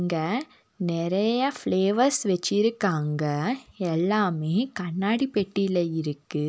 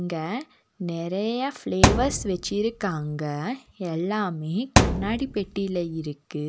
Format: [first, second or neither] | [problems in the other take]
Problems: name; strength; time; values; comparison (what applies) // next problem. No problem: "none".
first | background sound (Thump, thud); 3 dB above the speech